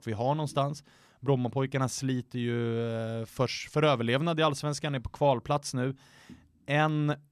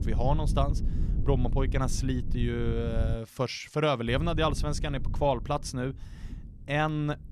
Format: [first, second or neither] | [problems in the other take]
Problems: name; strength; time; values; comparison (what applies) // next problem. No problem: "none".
first | low rumble; noticeable; until 3 s and from 4 s on; 15 dB below the speech